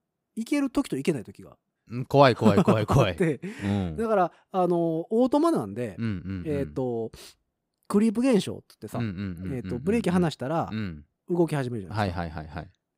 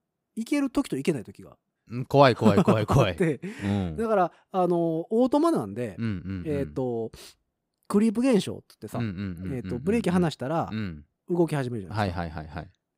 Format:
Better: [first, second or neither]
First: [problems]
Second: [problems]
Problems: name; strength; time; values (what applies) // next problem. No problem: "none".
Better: neither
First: none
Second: none